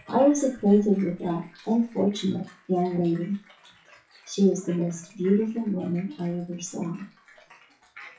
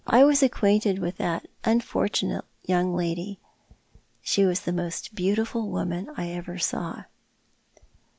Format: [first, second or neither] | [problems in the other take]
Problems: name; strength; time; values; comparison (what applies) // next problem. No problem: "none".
second | noise reduction (classical method WPE with log-MMSE)